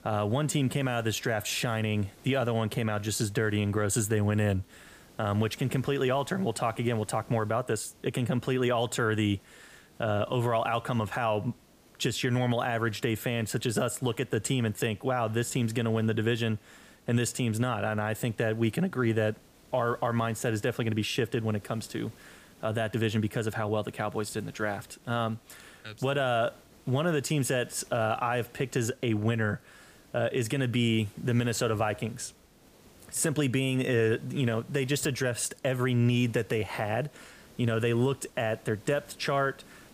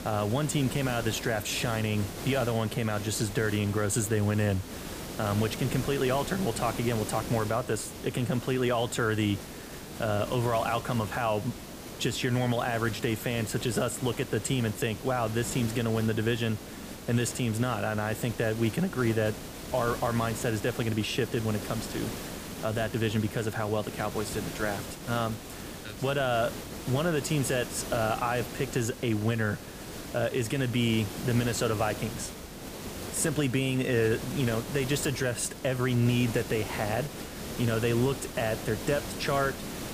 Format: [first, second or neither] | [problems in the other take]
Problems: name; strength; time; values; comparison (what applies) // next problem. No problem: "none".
first | hiss; loud; throughout; 10 dB below the speech; faint in the first